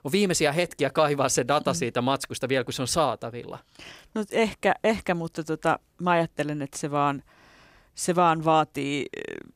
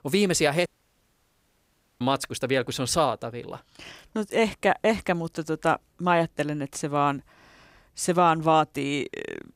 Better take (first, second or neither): first